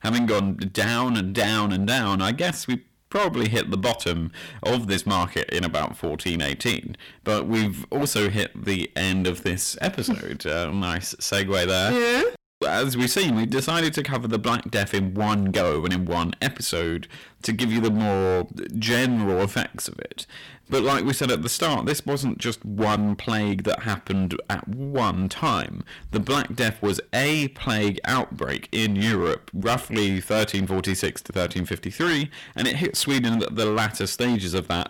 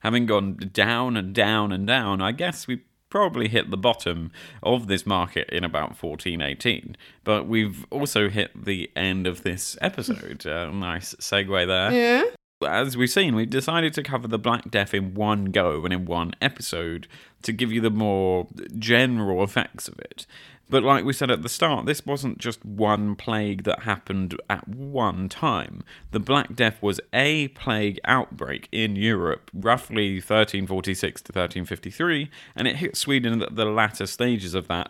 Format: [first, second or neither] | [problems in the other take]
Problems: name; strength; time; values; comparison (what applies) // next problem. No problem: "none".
second | distortion; heavy; 14% of the sound clipped